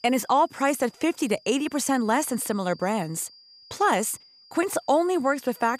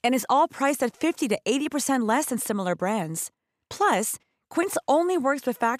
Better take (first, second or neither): second